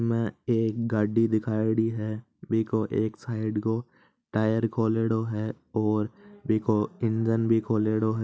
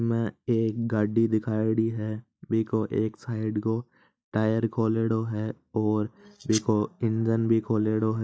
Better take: first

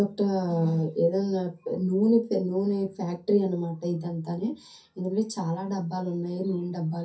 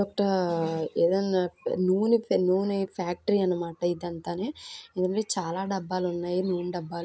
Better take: second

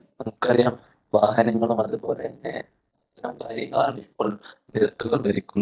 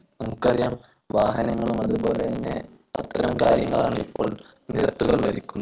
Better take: second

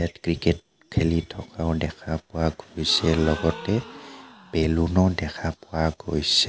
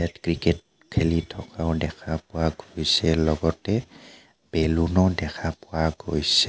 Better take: second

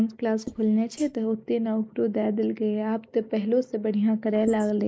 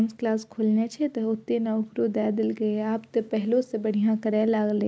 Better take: second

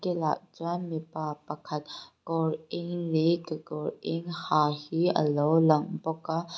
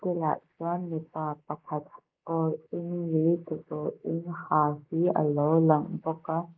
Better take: first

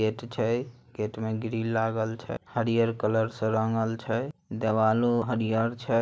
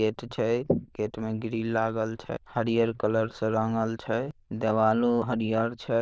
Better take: first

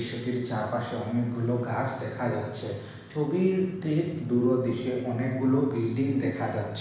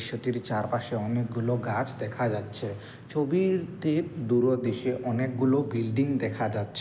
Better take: second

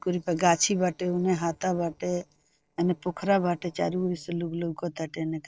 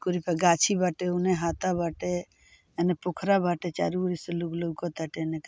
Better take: second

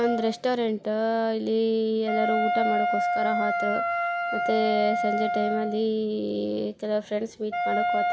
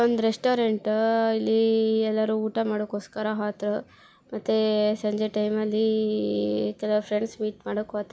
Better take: second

